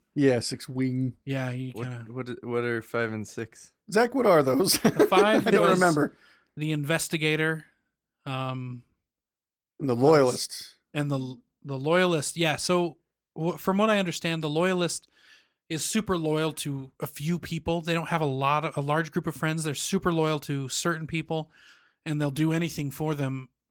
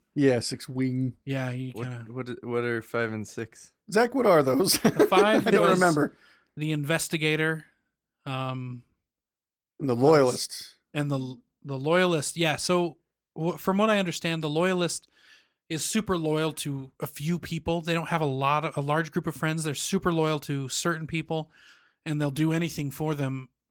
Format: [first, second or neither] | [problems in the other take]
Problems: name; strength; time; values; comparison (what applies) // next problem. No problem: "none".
neither | garbled, watery; slightly; nothing above 17.5 kHz; the same in both